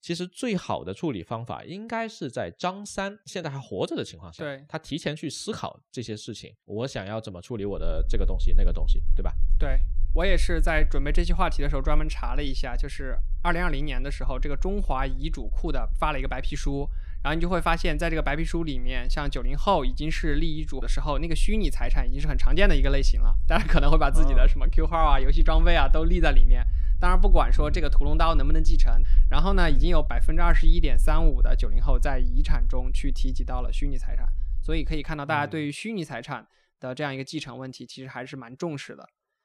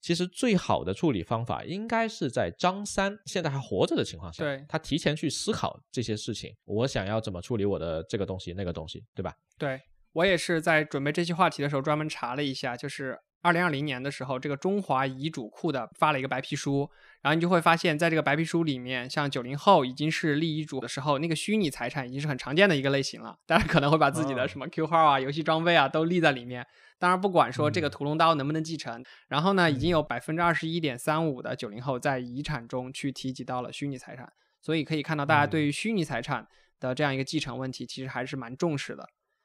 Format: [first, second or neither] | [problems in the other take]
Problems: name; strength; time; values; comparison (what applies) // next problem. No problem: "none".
second | low rumble; faint; from 8 to 35 s; 25 dB below the speech